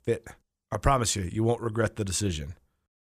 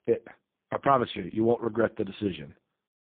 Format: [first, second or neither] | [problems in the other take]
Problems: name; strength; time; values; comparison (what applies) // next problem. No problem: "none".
first | phone-call audio; poor line